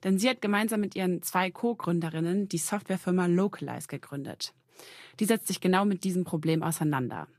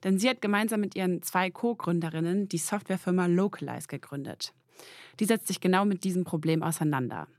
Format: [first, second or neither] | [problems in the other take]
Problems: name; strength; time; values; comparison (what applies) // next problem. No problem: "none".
second | garbled, watery; slightly; nothing above 12.5 kHz